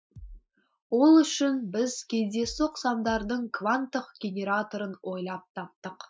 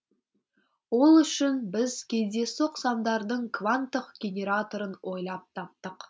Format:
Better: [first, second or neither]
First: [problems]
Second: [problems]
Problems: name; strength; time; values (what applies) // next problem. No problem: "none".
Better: second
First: noise reduction (classical method Wiener filter)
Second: none